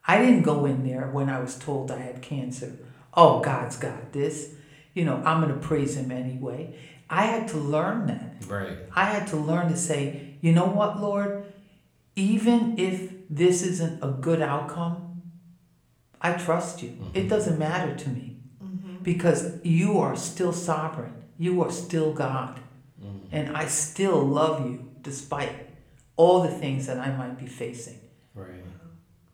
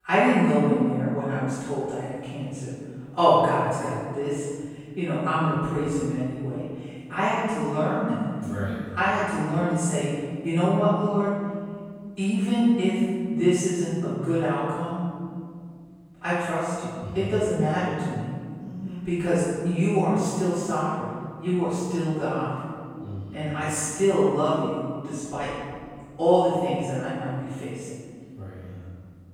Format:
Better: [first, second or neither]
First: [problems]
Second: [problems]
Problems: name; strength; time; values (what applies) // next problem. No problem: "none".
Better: first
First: room echo; slight; dies away in 0.6 s // off-mic speech; somewhat distant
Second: room echo; strong; dies away in 2.1 s // off-mic speech; far